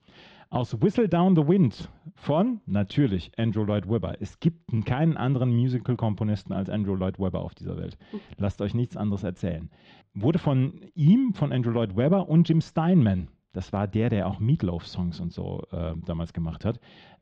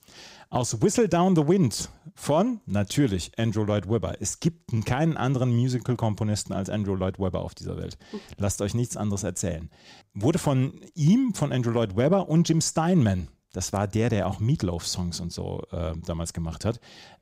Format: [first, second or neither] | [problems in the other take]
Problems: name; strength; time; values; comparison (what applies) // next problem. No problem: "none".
second | muffled; very; fading above 3.5 kHz